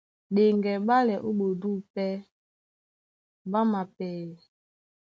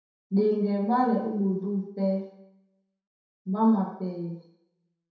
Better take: first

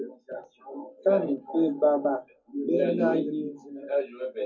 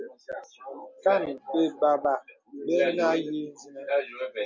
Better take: second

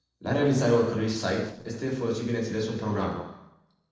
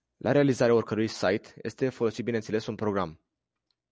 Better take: second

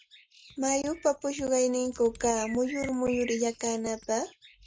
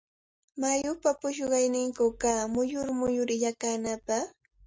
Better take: second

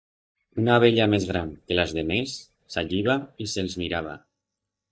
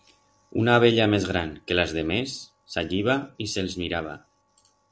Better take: second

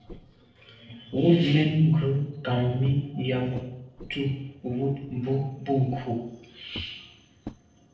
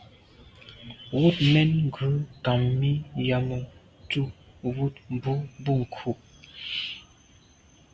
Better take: second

